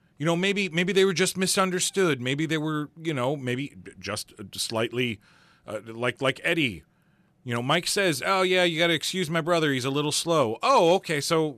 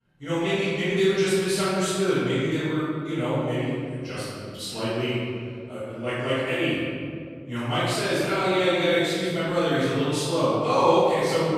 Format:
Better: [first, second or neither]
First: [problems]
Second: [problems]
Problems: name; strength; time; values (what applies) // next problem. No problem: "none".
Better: first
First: none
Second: room echo; strong; dies away in 2.3 s // off-mic speech; far